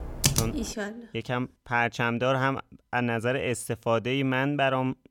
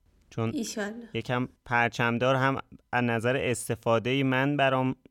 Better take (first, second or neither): second